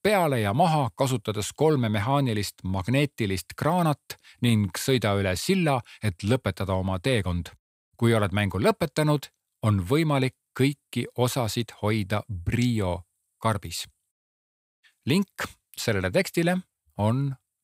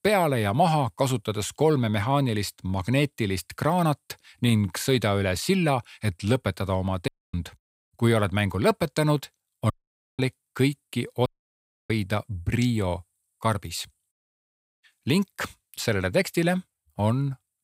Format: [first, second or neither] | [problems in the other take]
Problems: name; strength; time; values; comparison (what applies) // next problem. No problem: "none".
first | audio cutting out; at 7 s, at 9.5 s and at 11 s for 0.5 s